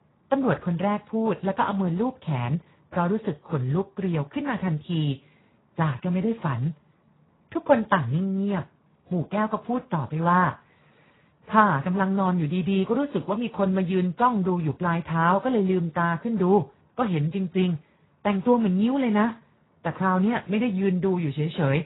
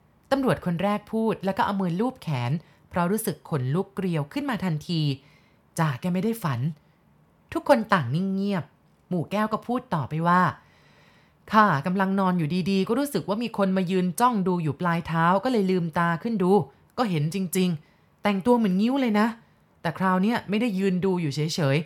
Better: second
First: garbled, watery; badly; nothing above 4 kHz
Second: none

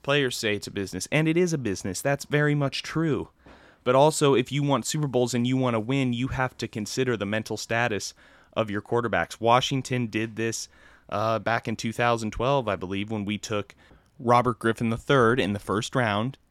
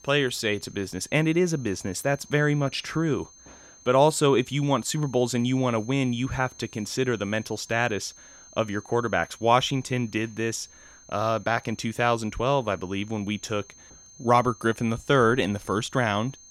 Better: first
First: none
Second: high-pitched whine; faint; throughout; 6.5 kHz, 25 dB below the speech

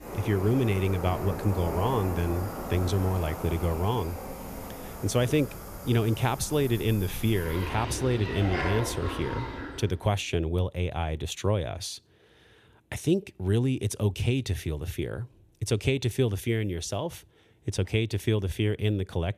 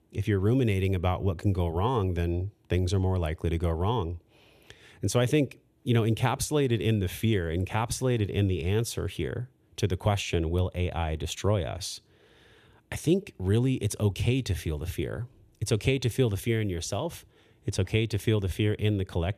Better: second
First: animal sounds; loud; until 9.5 s; 8 dB below the speech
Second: none

